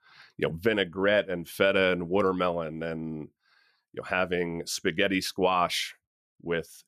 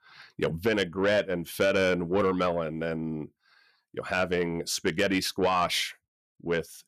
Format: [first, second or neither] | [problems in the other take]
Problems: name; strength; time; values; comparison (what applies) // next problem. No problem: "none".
first | distortion; slight; 10 dB below the speech